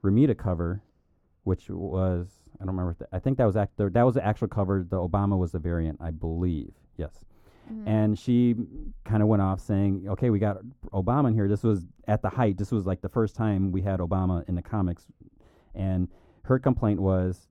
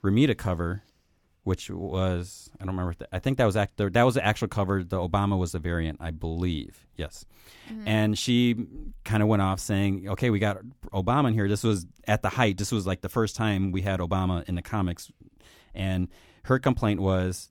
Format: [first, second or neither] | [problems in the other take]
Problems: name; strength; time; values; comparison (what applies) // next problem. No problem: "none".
second | muffled; very; fading above 1.5 kHz